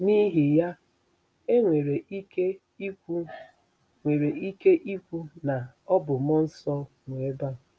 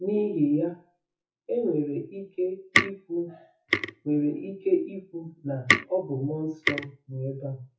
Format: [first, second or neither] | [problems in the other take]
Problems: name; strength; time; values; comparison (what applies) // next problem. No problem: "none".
first | noise reduction (classical method WPE with log-MMSE)